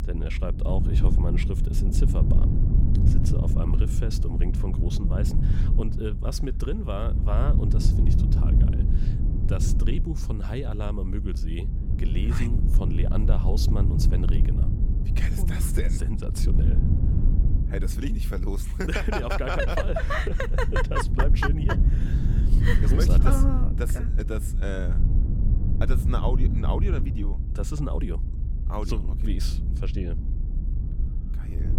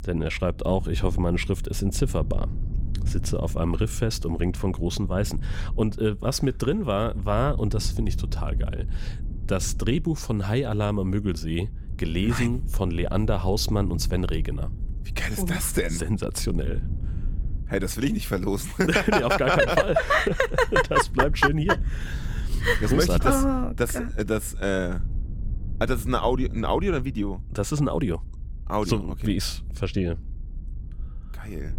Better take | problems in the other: second | low rumble; loud; throughout; 6 dB below the speech; faint in the second

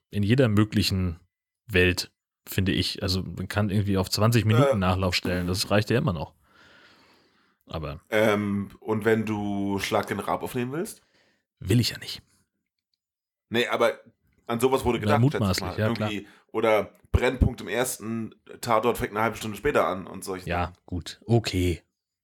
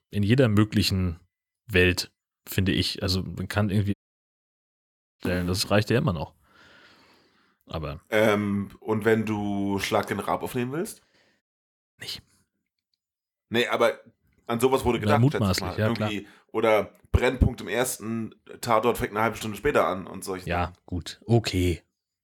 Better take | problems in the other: first | audio cutting out; at 4 s for 1.5 s and at 11 s for 0.5 s

